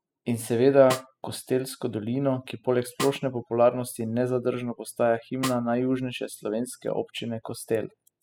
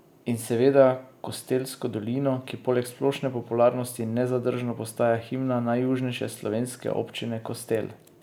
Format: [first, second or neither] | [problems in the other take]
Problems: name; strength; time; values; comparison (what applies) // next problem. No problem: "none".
second | noise reduction (classical method spectral subtraction)